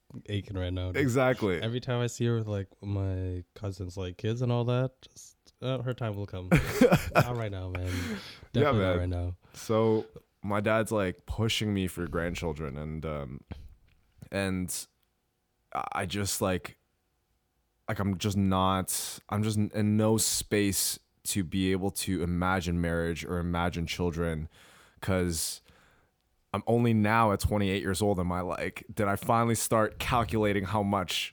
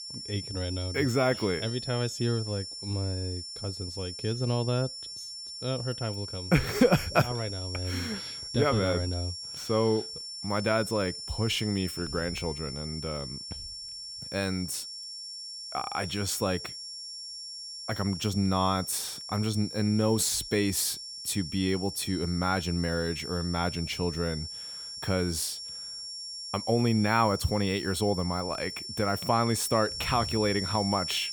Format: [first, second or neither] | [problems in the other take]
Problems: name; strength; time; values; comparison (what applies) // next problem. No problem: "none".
first | high-pitched whine; loud; throughout; 5.5 kHz, 7 dB below the speech